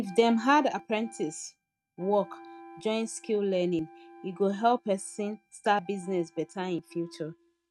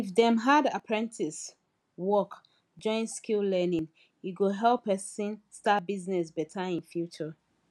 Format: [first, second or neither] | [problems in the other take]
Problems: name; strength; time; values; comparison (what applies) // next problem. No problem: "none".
second | noise reduction (neural mask model RNNoise)